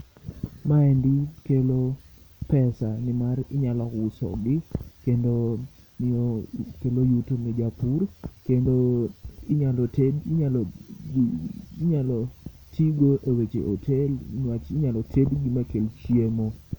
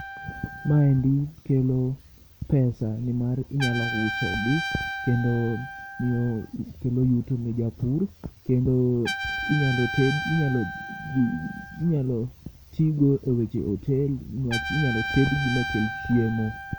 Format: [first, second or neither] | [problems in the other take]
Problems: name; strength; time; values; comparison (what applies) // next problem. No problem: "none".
first | background sound (Trumpet); 10 dB below the speech